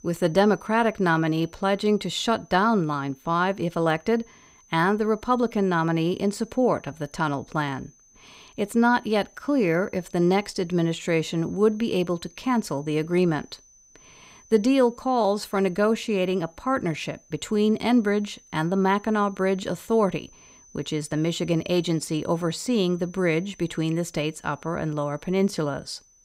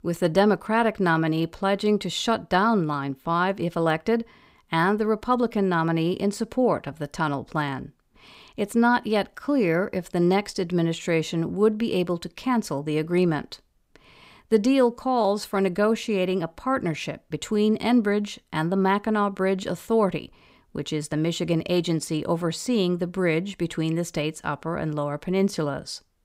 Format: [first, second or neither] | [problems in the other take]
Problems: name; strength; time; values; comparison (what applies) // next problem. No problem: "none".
second | high-pitched whine; faint; throughout; 6 kHz, 30 dB below the speech